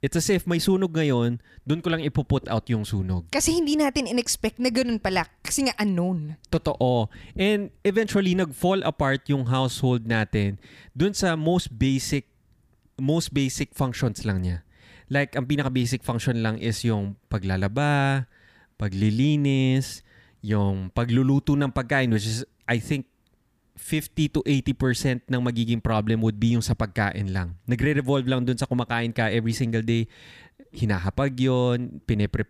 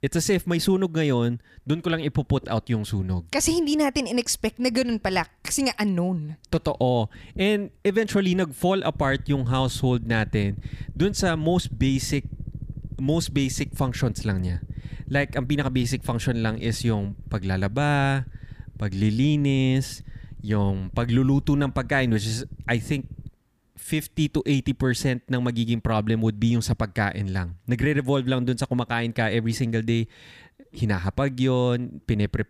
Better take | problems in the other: first | low rumble; faint; from 9 to 23 s; 25 dB below the speech

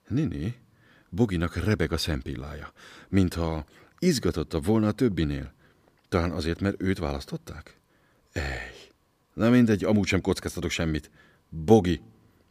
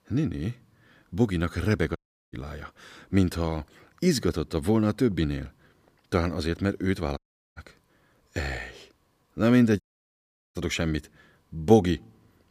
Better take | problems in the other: first | audio cutting out; at 2 s, at 7 s and at 10 s for 0.5 s

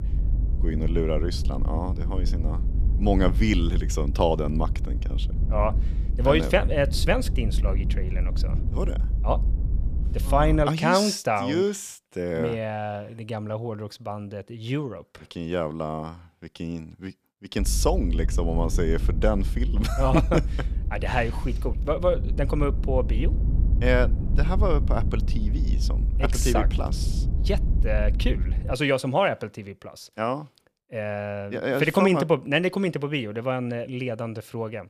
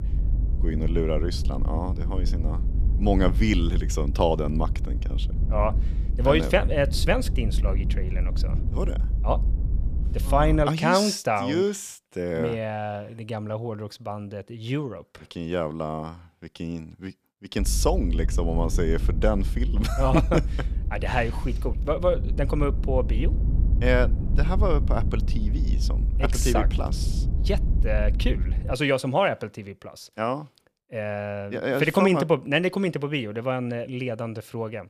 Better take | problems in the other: neither | low rumble; noticeable; until 11 s and from 18 to 29 s; 15 dB below the speech; the same in both

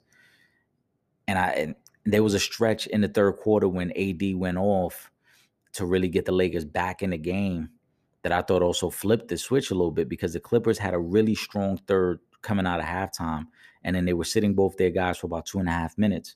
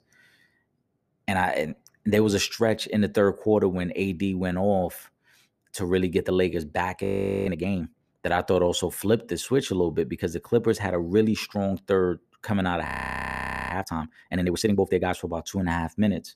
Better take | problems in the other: first | audio freezing; at 7 s and at 13 s for 1 s

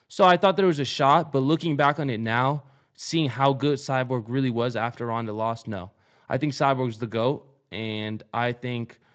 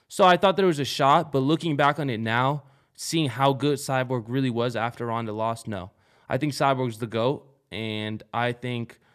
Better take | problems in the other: second | garbled, watery; slightly; nothing above 7.5 kHz

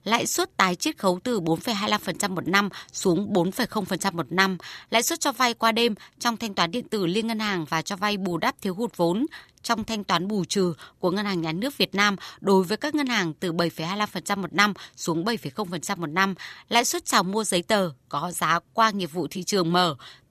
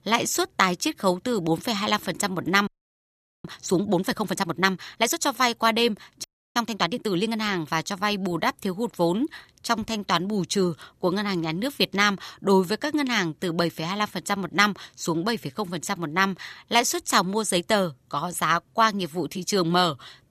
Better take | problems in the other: first | audio freezing; at 2.5 s for 1 s and at 6 s

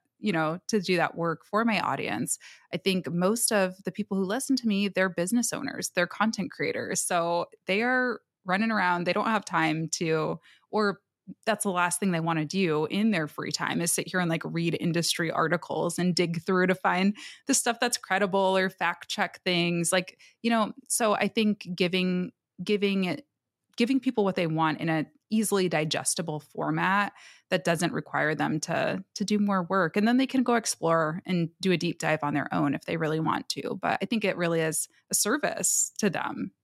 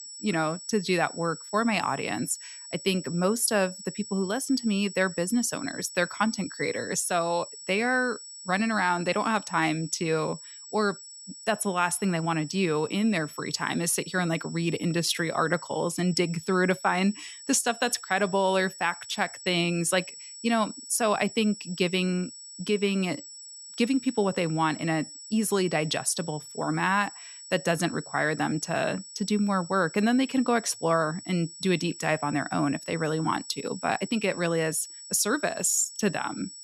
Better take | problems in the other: first | high-pitched whine; noticeable; throughout; 8 kHz, 15 dB below the speech

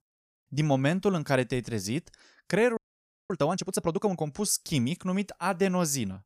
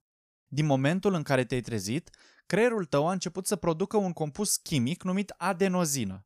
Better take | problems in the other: second | audio freezing; at 3 s for 0.5 s

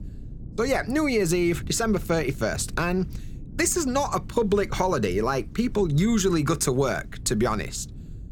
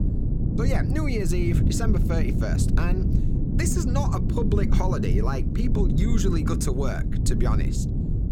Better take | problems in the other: first | low rumble; loud; throughout; 3 dB below the speech; faint in the first

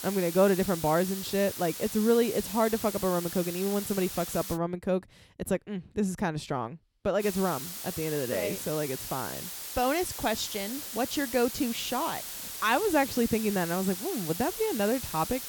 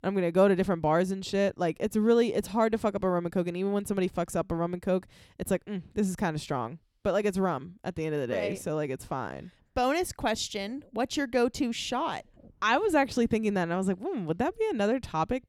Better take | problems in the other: second | hiss; loud; until 4.5 s and from 7 s on; 7 dB below the speech

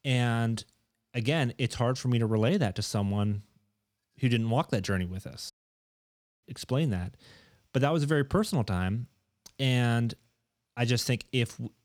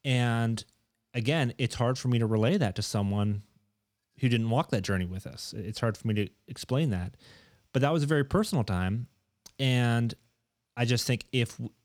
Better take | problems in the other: second | audio cutting out; at 5.5 s for 1 s

